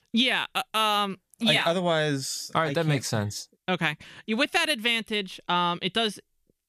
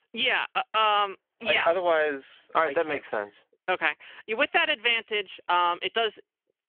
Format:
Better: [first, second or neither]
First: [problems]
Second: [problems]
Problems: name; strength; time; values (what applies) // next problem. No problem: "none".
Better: first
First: none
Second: phone-call audio; nothing above 3 kHz